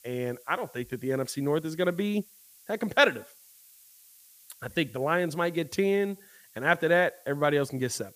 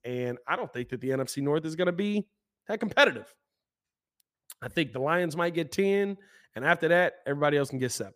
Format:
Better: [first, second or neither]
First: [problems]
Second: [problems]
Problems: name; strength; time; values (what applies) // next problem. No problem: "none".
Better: second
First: hiss; faint; throughout; 25 dB below the speech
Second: none